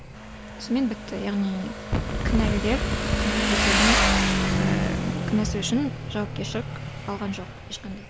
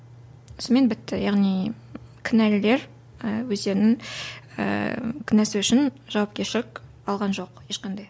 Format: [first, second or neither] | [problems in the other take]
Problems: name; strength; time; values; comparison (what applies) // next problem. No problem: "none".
second | background sound (Wind + Motorcycle); 3 dB above the speech